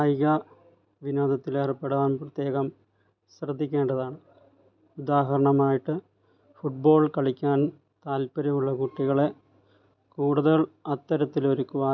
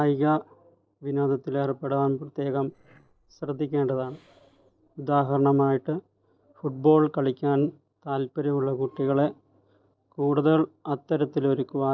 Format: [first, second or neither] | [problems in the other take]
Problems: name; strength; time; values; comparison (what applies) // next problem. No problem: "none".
first | noise reduction (neural separator model SepFormer DNS4)